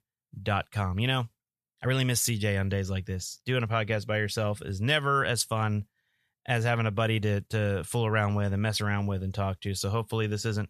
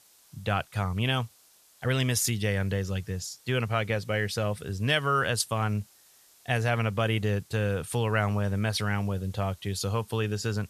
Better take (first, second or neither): first